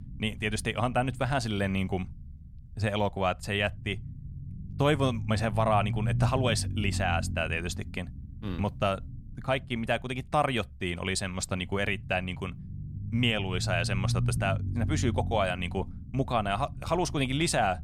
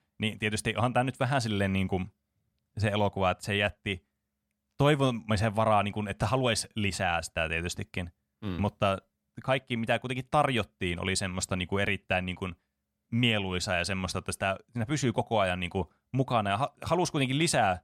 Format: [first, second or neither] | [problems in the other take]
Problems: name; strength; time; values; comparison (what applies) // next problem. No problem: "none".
second | low rumble; noticeable; throughout; 20 dB below the speech